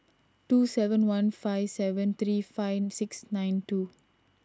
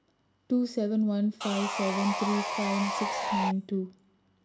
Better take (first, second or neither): first